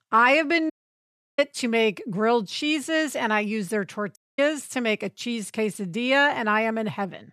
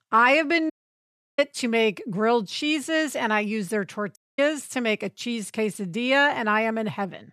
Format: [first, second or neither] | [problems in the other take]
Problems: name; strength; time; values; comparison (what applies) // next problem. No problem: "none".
neither | audio cutting out; at 0.5 s for 0.5 s and at 4 s; the same in both